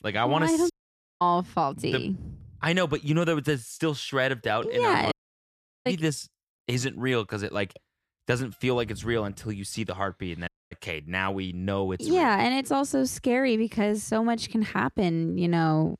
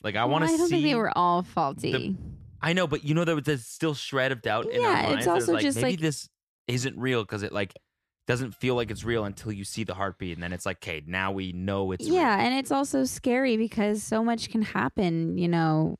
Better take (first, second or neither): second